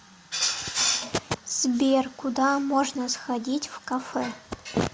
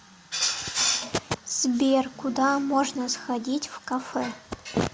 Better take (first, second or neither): first